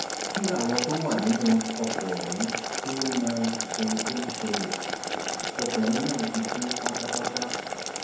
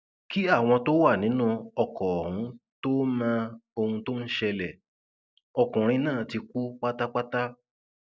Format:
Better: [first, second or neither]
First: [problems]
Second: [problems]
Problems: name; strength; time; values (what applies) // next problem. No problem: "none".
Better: second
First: background sound (Boiling); 2 dB below the speech // room echo; dies away in 0.9 s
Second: none